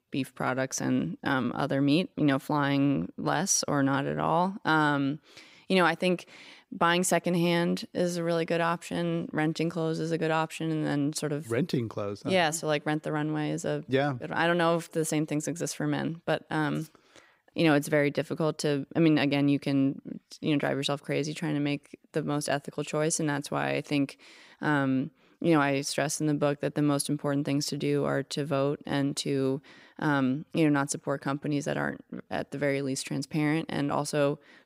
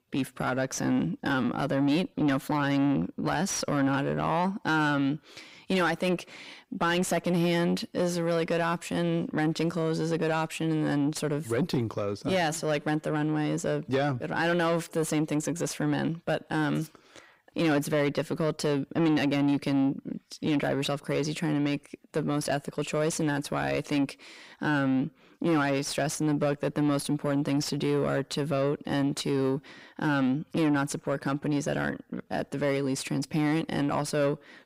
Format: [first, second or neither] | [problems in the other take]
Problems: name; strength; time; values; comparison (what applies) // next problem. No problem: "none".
first | distortion; slight; 10 dB below the speech